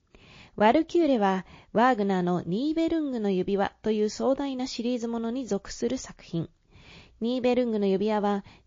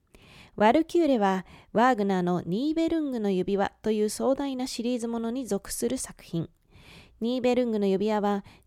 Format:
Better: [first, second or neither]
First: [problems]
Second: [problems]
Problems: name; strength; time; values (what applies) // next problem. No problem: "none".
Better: second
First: garbled, watery; slightly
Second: none